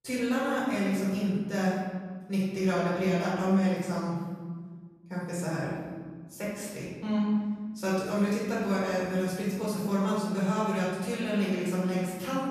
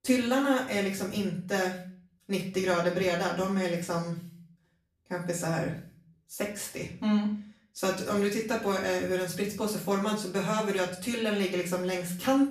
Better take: second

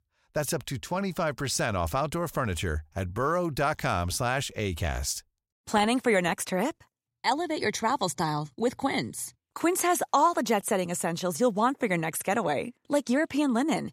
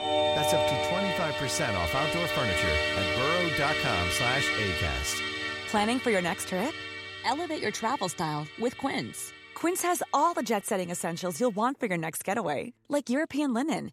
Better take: first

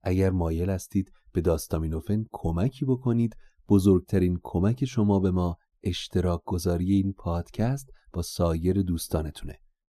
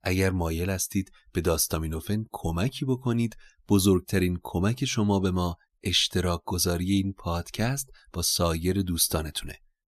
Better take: second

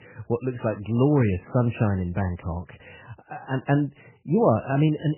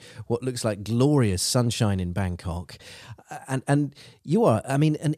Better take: second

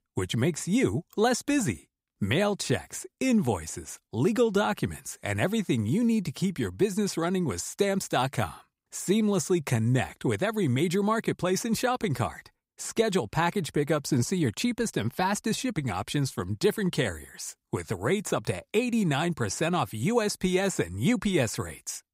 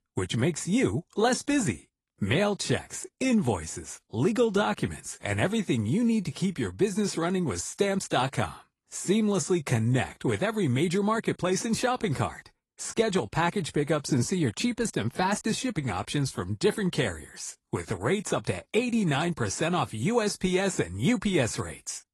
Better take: first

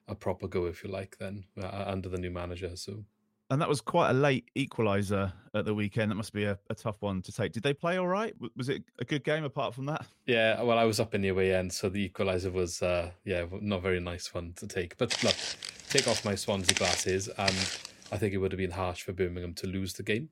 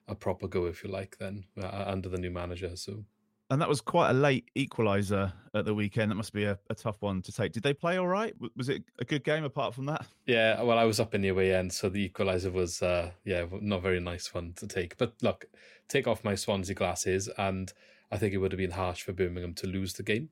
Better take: second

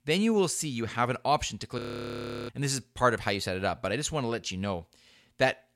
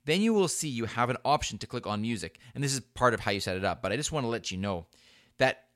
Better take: second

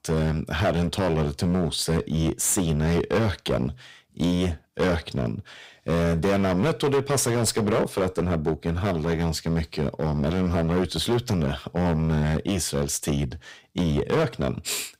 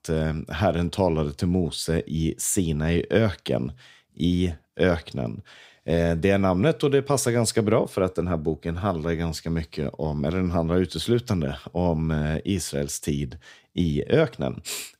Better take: second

